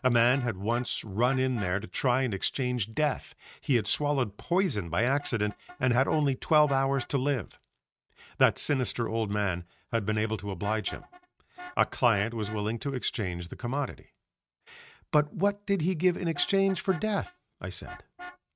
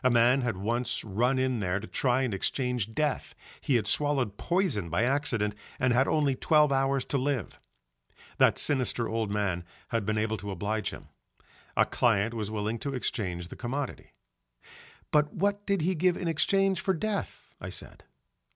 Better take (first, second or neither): second